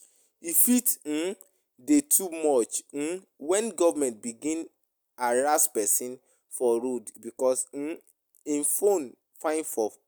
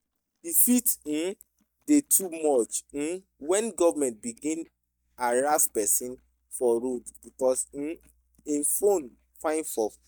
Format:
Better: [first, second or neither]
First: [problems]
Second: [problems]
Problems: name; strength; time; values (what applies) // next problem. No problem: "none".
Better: first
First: none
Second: noise reduction (neural mask model DeepFilterNet 3)